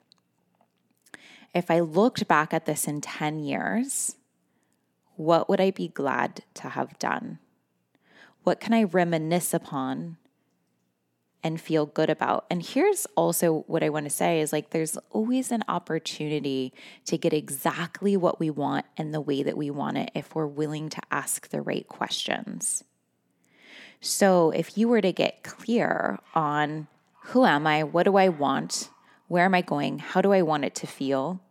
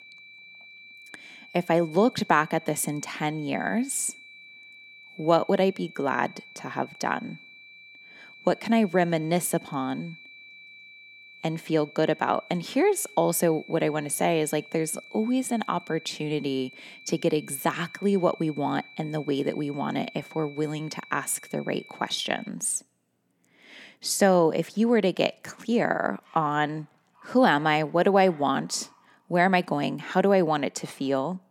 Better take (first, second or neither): first